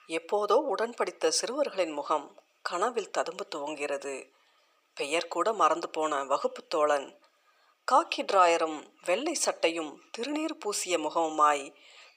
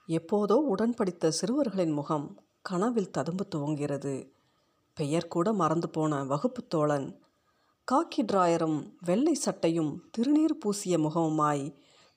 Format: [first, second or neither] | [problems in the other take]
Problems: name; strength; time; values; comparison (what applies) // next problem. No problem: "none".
second | thin; very; fading below 500 Hz